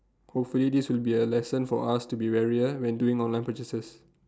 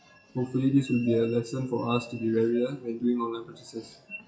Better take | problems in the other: first | noise reduction (classical method WPE with log-MMSE)

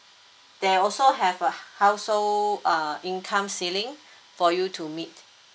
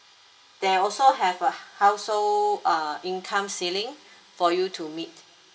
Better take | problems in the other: first | room echo; dies away in 0.3 s

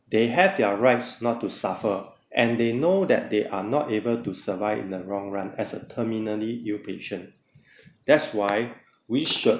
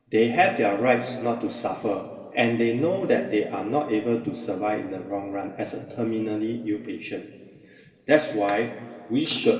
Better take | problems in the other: first | room echo; dies away in 2.4 s

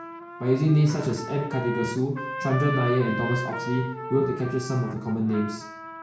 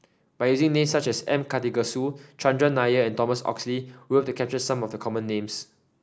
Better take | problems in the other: second | background sound (Trumpet); 9 dB below the speech // room echo; dies away in 0.6 s

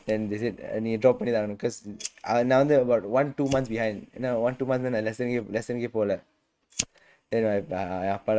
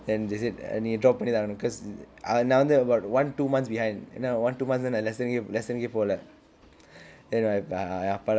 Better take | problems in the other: second | noise reduction (neural mask model RNNoise)

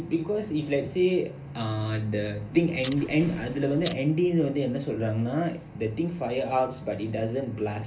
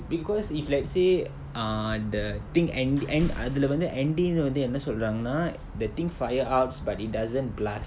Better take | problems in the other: second | background sound (Clock); 18 dB below the speech // room echo; dies away in 0.3 s

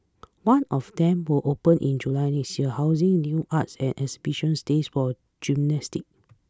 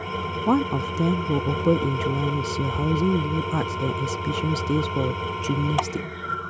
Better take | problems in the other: first | background sound (Engine / Tools); 2 dB below the speech

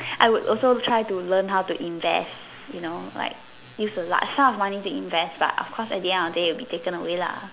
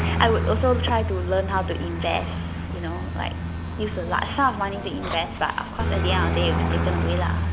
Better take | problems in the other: first | background sound (Aircraft); 1 dB above the speech

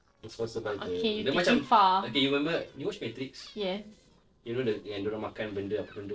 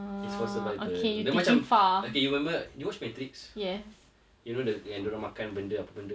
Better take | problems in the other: second | noise reduction (neural separator model SepFormer DNS4)

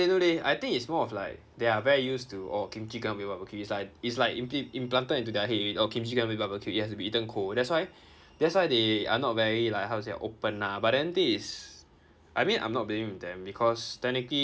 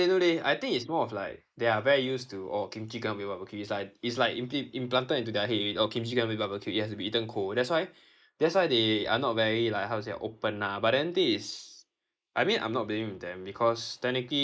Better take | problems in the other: first | noise reduction (neural mask model Resemble Enhance denoiser)

